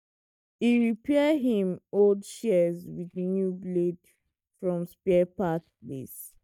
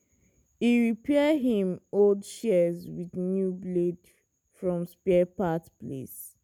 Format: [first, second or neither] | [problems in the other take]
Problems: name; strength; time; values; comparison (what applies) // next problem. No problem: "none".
second | noise reduction (neural mask model DeepFilterNet 3)